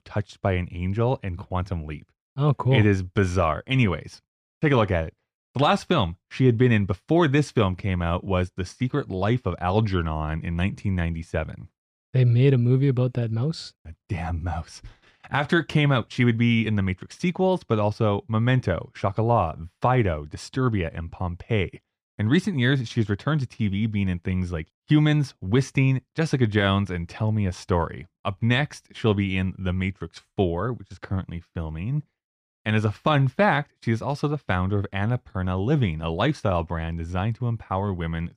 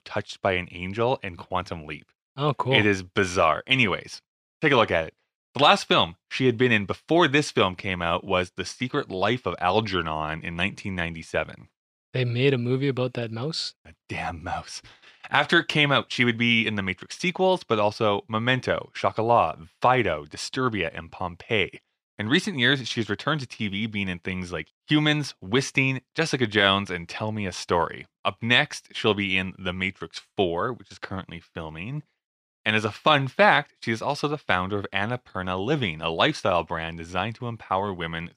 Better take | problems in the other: first | thin; somewhat; fading below 500 Hz

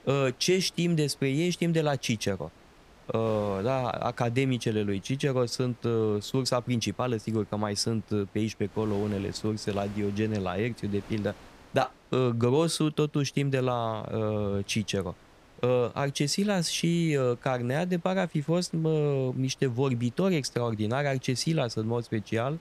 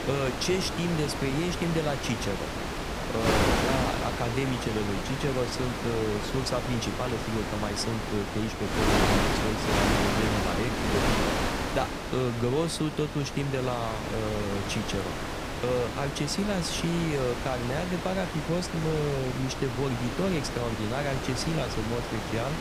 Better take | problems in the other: first | wind noise on the microphone; heavy; 2 dB above the speech; occasional gusts in the first

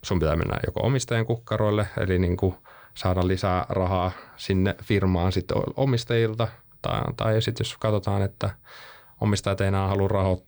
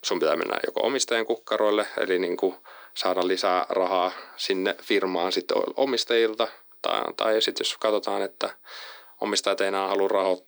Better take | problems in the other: first | thin; very; fading below 300 Hz

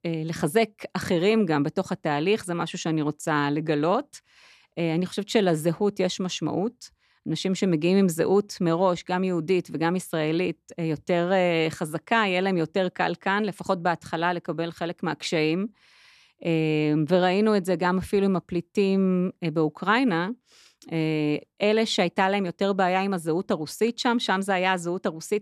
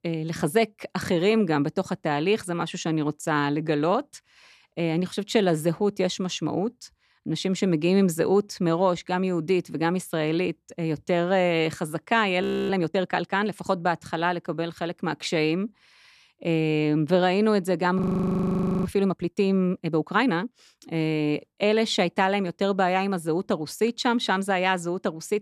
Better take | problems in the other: first | audio freezing; at 12 s and at 18 s for 1 s

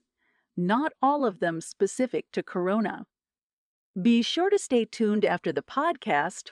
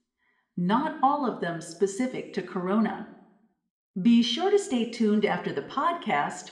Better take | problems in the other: first | room echo; slight; dies away in 0.7 s

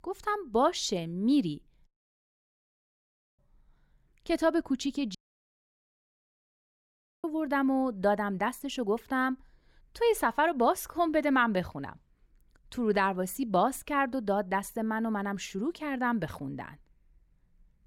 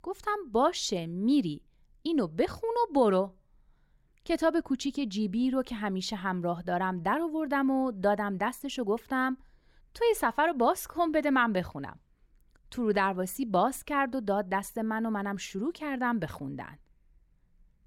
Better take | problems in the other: second | audio cutting out; at 2 s for 1.5 s and at 5 s for 2 s

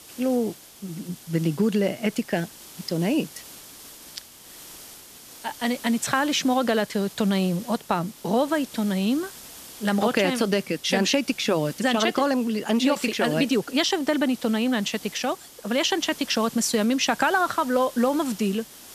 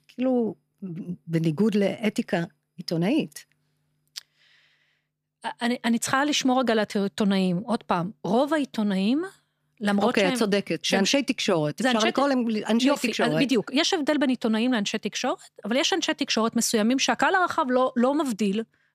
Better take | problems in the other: second | hiss; noticeable; throughout; 20 dB below the speech

